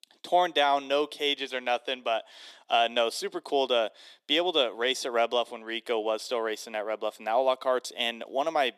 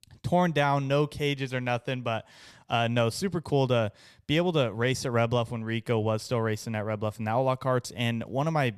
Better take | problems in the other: second | thin; very; fading below 300 Hz

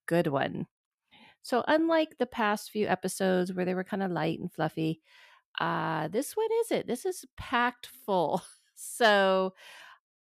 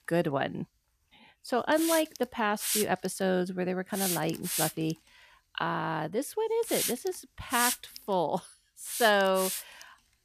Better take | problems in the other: first | hiss; loud; throughout; 3 dB below the speech

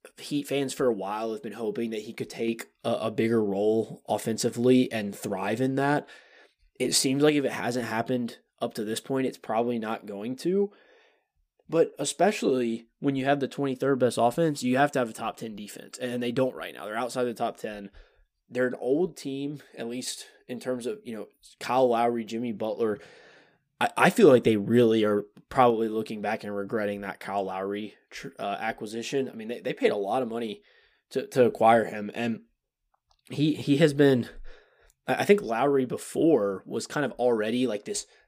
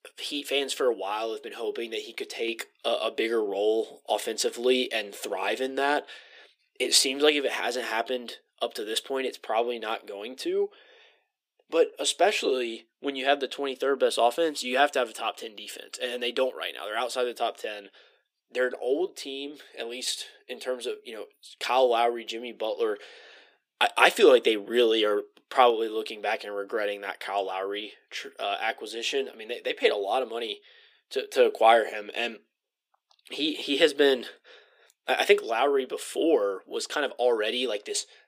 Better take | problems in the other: first | thin; somewhat; fading below 350 Hz

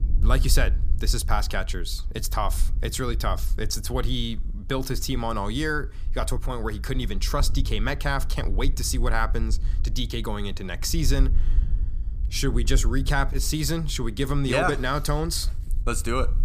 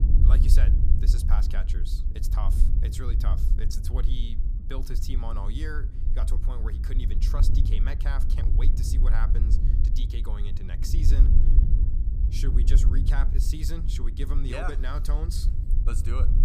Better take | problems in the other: first | low rumble; loud; throughout; 5 dB below the speech; faint in the first

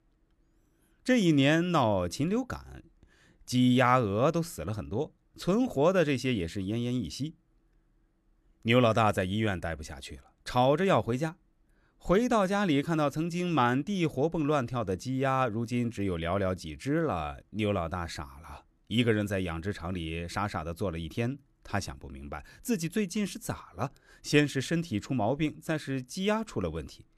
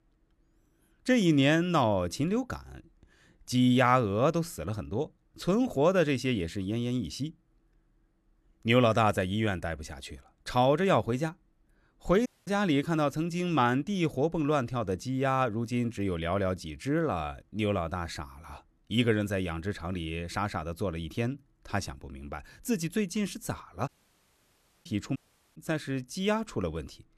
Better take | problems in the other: first | audio cutting out; at 12 s, at 24 s for 1 s and at 25 s

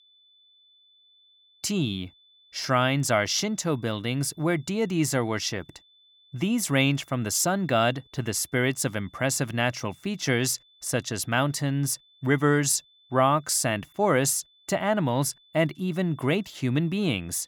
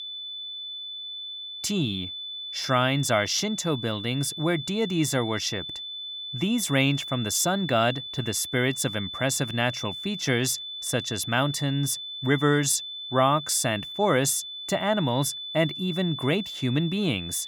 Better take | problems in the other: first | high-pitched whine; loud; throughout; 3.5 kHz, 8 dB below the speech; faint in the first

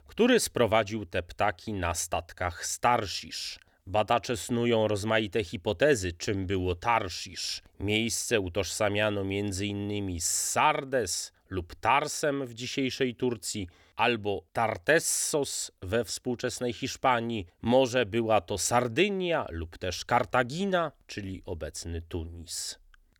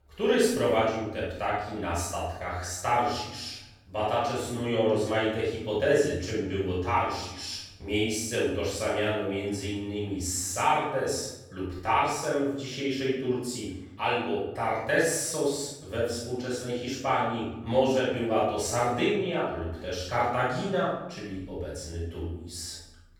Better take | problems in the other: first | room echo; strong; dies away in 0.8 s // off-mic speech; far

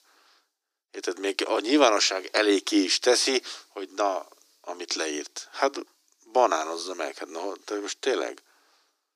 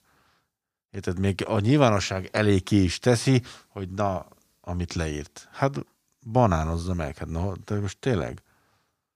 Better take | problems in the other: second | thin; somewhat; fading below 300 Hz

